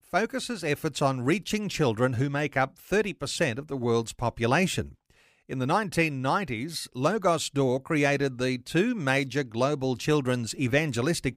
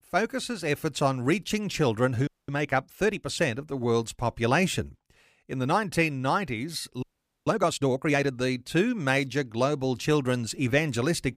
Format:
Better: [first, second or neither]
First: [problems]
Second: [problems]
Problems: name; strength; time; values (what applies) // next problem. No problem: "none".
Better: first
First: none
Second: audio freezing; at 2.5 s and at 7 s